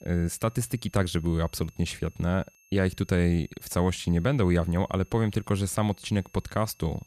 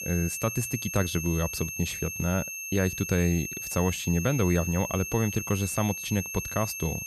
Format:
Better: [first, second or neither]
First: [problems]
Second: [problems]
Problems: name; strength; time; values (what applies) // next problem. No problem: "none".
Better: first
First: high-pitched whine; faint; throughout; 2.5 kHz, 30 dB below the speech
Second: high-pitched whine; loud; throughout; 2.5 kHz, 5 dB below the speech